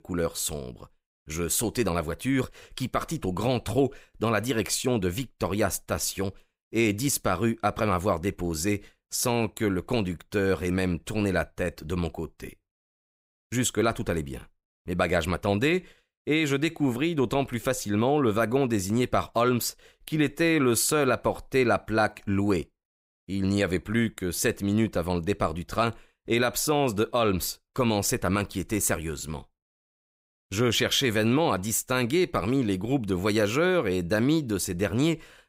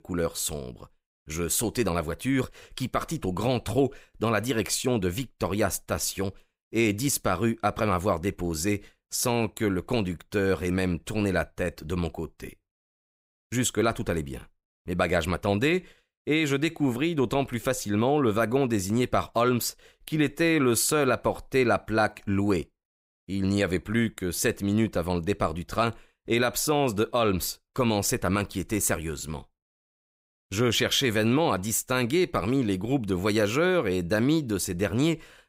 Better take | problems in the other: neither | none

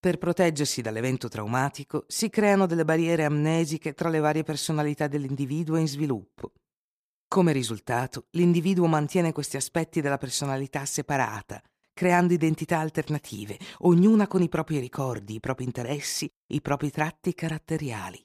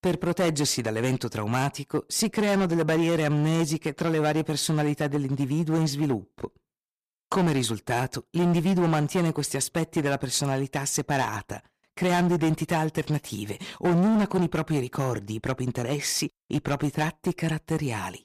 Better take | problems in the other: first | distortion; heavy; 11% of the sound clipped

